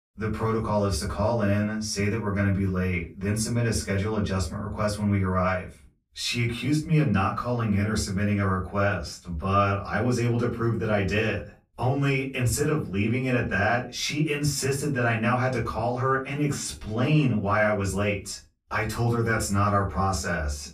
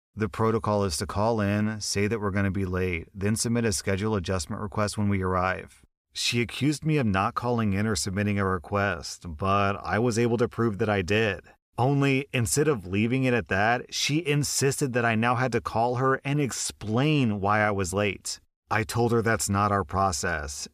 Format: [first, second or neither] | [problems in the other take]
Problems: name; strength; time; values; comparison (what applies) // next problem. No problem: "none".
second | off-mic speech; far // room echo; very slight; dies away in 0.3 s